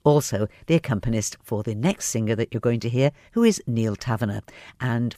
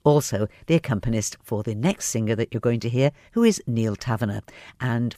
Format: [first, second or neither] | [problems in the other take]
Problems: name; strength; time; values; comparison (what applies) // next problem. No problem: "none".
neither | none